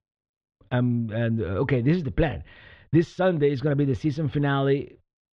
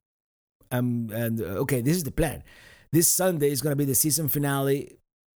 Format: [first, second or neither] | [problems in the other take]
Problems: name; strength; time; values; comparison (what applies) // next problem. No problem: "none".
second | muffled; very; fading above 3.5 kHz